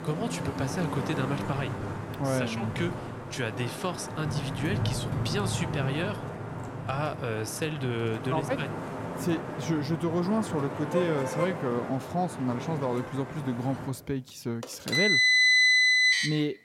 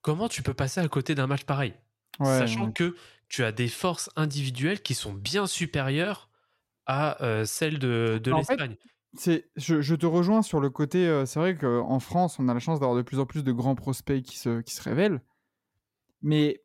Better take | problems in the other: second | traffic noise; very loud; throughout; 4 dB above the speech

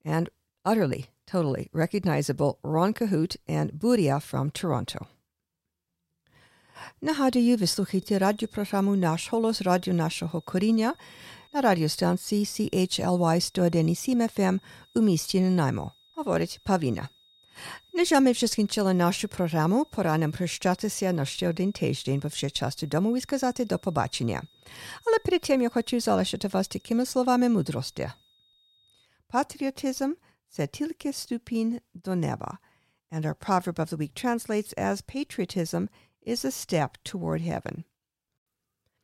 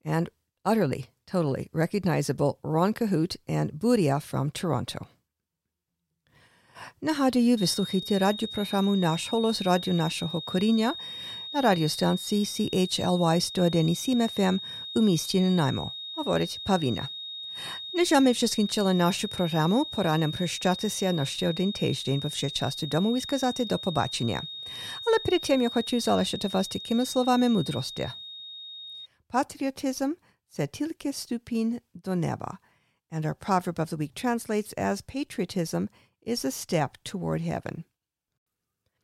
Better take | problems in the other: first | high-pitched whine; loud; from 7.5 to 29 s; 3.5 kHz, 9 dB below the speech; faint in the first

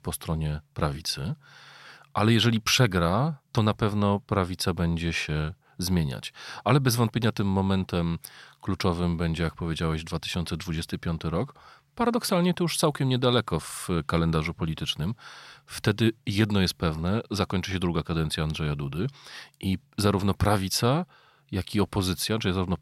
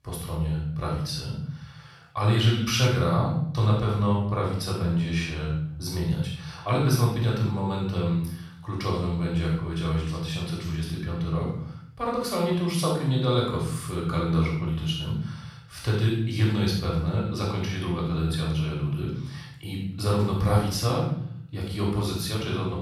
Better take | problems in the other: first | off-mic speech; far // room echo; noticeable; dies away in 0.7 s

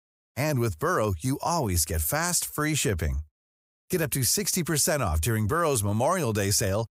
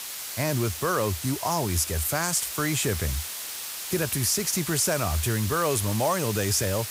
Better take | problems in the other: first | hiss; loud; throughout; 6 dB below the speech

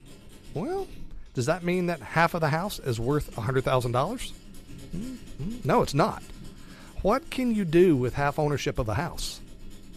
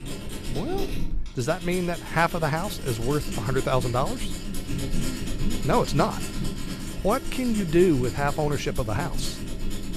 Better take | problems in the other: first | machinery noise; loud; throughout; 7 dB below the speech; faint in the first

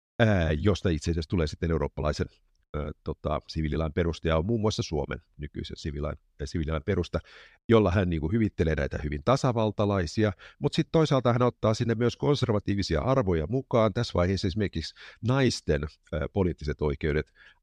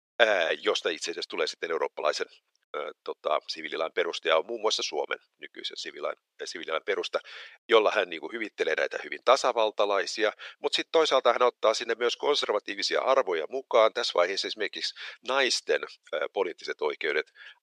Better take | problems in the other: first | thin; very; fading below 450 Hz

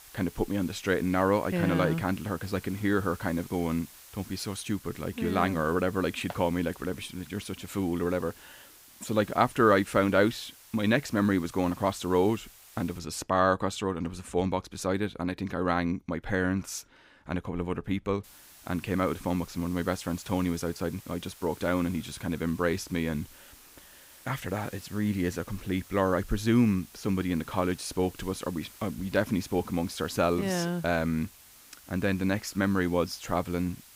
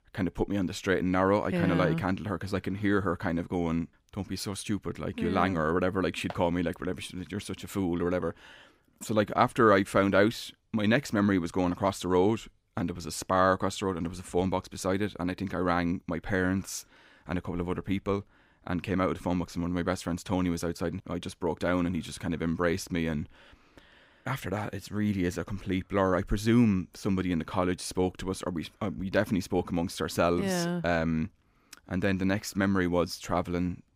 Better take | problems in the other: second | hiss; faint; until 13 s and from 18 s on; 20 dB below the speech

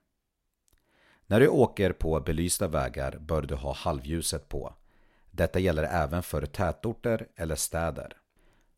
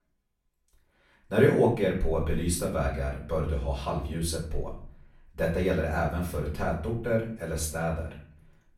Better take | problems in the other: first | off-mic speech; far // room echo; slight; dies away in 0.5 s

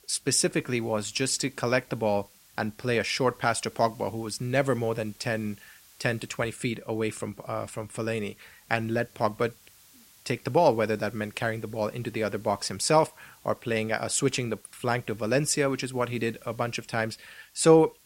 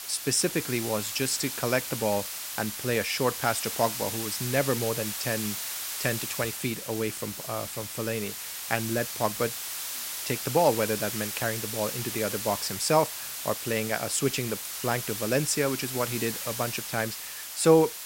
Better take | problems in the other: first | hiss; loud; throughout; 4 dB below the speech; faint in the first

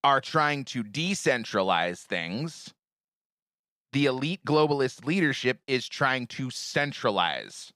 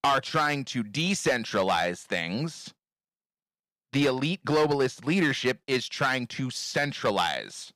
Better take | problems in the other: first | distortion; slight; 4% of the sound clipped

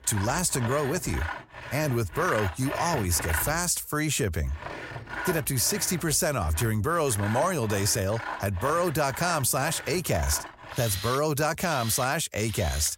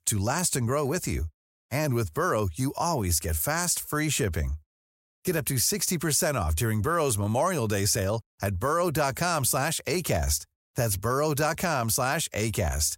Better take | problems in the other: second | machinery noise; noticeable; throughout; 10 dB below the speech

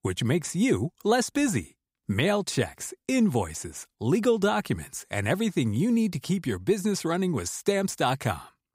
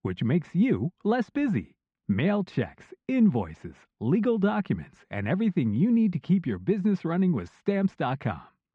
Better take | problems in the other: first | muffled; very; fading above 3 kHz

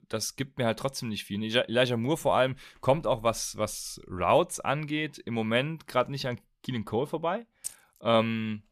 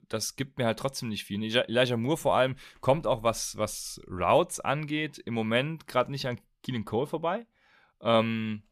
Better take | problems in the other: second | jangling keys; very faint; at 7.5 s; peak 10 dB below the speech

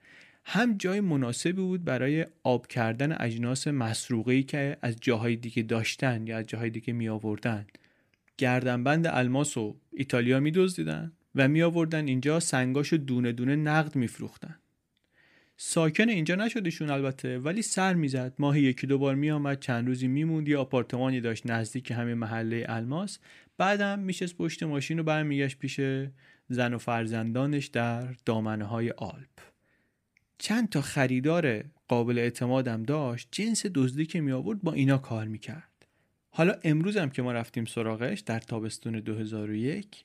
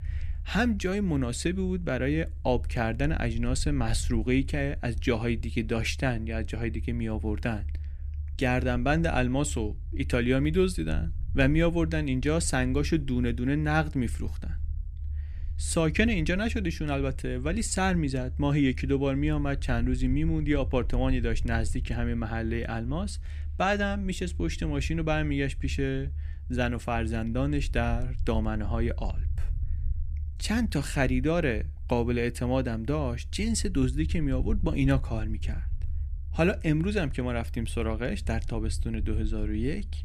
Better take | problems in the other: first | low rumble; faint; throughout; 25 dB below the speech

